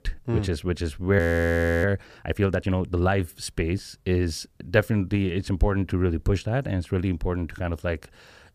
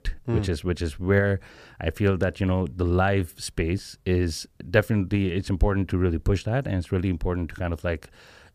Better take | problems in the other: second | audio freezing; at 1 s for 0.5 s

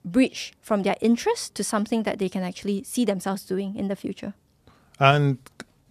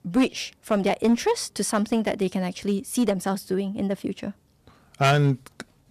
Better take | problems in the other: first | distortion; slight; 3% of the sound clipped

